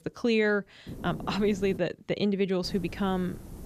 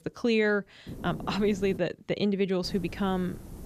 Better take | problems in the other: neither | wind noise on the microphone; occasional gusts; at 1 s and from 2.5 s on; 20 dB below the speech; the same in both

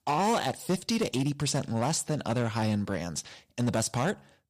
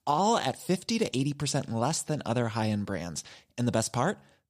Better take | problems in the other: second | distortion; slight; 8% of the sound clipped

